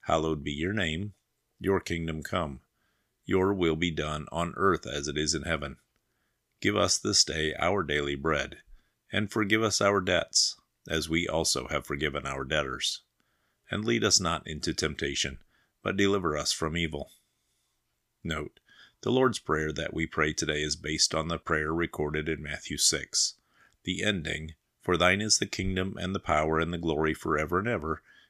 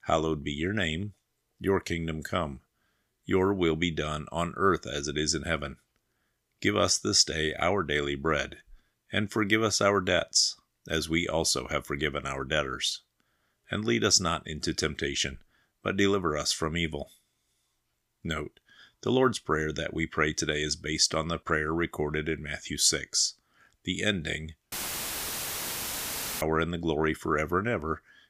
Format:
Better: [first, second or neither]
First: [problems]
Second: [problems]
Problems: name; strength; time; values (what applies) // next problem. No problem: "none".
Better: first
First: none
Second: audio cutting out; filled with static; at 25 s for 1.5 s